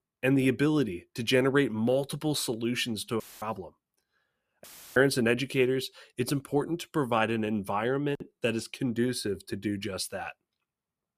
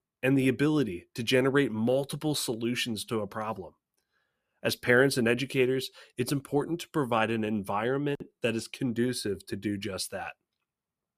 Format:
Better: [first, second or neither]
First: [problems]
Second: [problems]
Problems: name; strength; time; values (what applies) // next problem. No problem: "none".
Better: second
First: audio cutting out; filled with static; at 3 s and at 4.5 s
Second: none